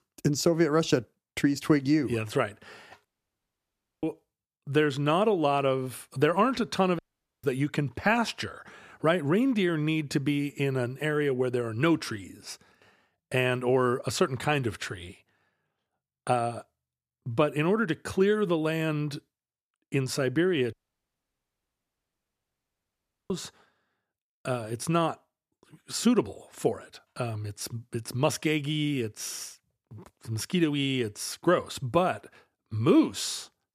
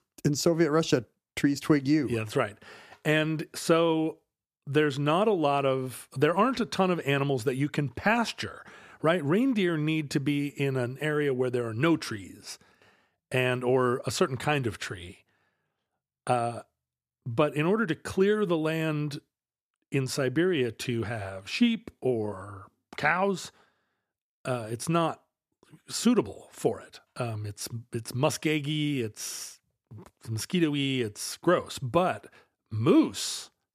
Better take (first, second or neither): second